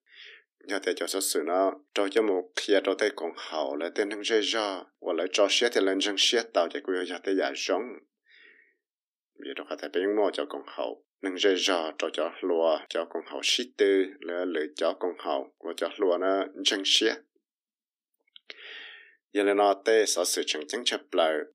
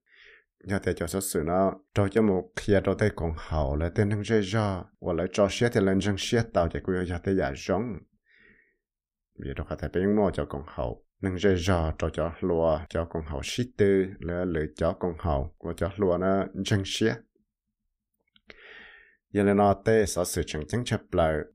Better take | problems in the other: second | thin; somewhat; fading below 250 Hz

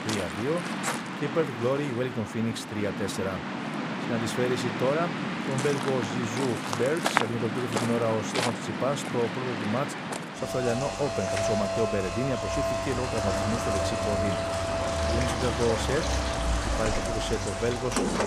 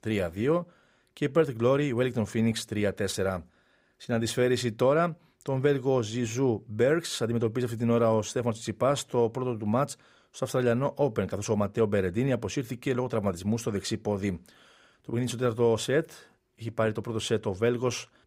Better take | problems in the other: second | rain or running water; very loud; throughout; 1 dB above the speech

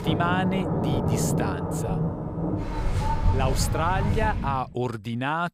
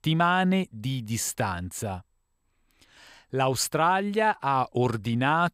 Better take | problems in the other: second | rain or running water; very loud; until 4.5 s; 1 dB above the speech

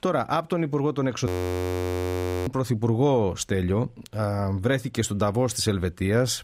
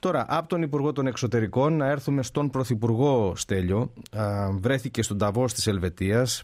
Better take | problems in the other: second | audio freezing; at 1.5 s for 1 s

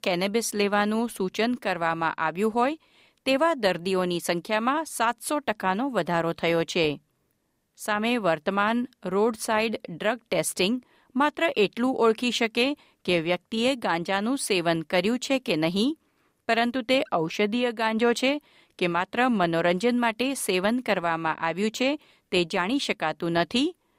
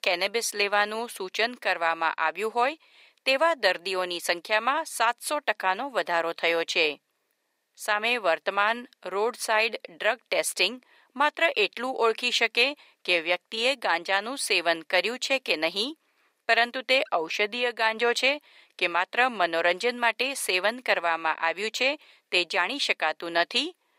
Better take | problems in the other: first | thin; somewhat; fading below 550 Hz

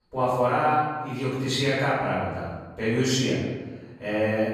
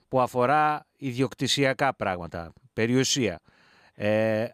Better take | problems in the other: second | off-mic speech; far // room echo; strong; dies away in 1.2 s

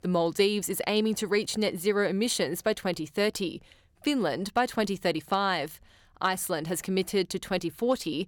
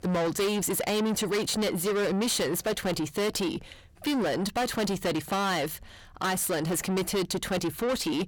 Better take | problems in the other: first | distortion; heavy; 6 dB below the speech

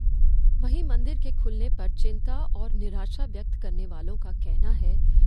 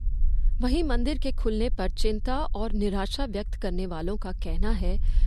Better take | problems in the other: second | low rumble; loud; throughout; 7 dB below the speech; faint in the second

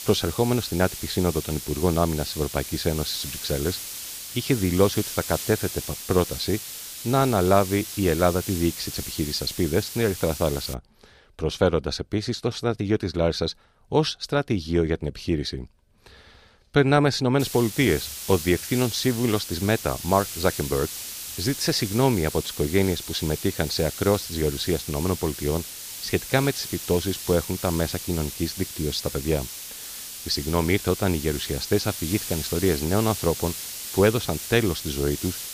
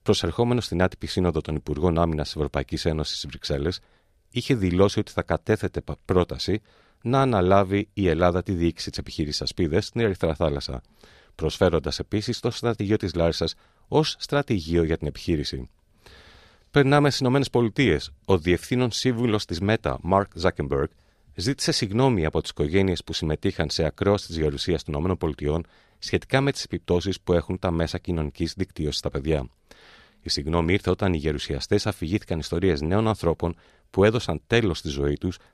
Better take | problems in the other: second | hiss; loud; until 11 s and from 17 s on; 8 dB below the speech

